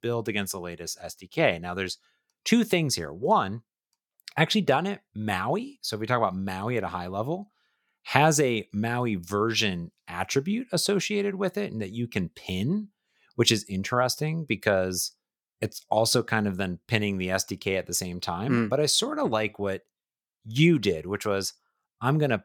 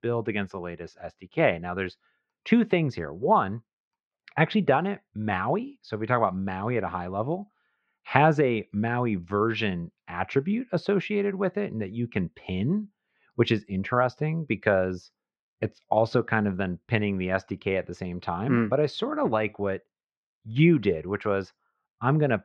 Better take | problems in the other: first | muffled; very; fading above 2.5 kHz

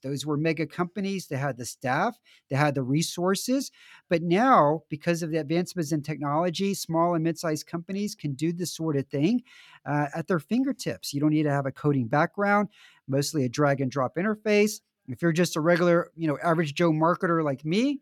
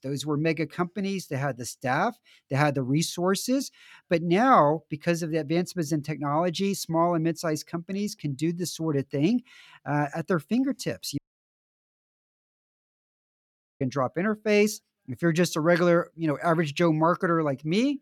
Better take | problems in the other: first | audio cutting out; at 11 s for 2.5 s

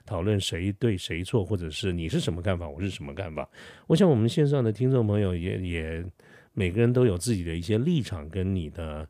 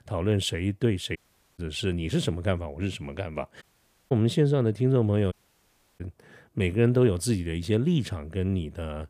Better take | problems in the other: first | audio cutting out; at 1 s, at 3.5 s and at 5.5 s for 0.5 s

